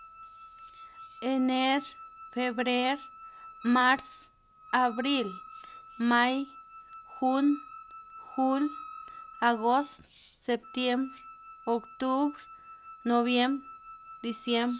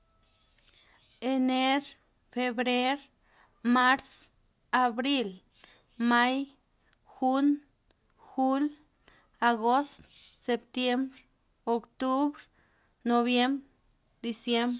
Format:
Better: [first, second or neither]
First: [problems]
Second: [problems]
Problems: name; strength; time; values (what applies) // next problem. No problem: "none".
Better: second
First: background sound (Wind instrument, woodwind instrument + Wind instrument, woodwind instrument); 17 dB below the speech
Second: none